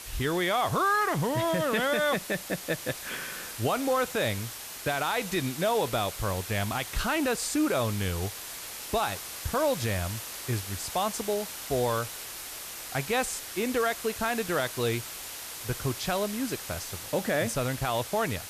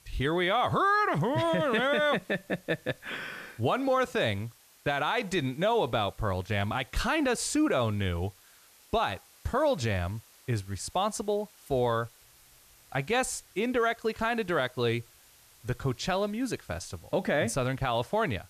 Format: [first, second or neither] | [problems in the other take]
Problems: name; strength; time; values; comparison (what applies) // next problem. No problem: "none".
second | hiss; loud; throughout; 8 dB below the speech; faint in the second